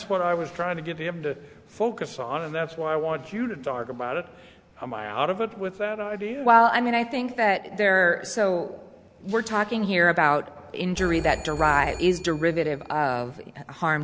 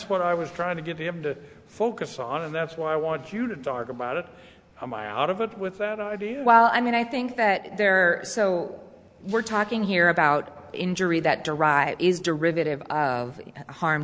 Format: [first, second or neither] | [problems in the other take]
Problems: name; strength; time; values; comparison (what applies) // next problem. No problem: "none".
second | background sound (Telephone); 13 dB below the speech